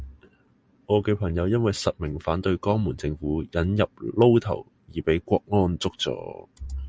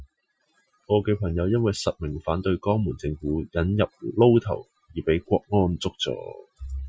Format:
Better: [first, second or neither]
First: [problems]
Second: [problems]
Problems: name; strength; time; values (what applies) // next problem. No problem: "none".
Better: first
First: none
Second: noise reduction (classical method Wiener filter)